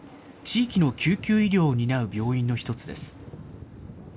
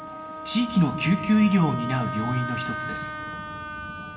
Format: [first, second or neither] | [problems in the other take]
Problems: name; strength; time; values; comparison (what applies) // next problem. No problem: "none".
first | background sound (Wind instrument, woodwind instrument); 8 dB below the speech // room echo; dies away in 0.7 s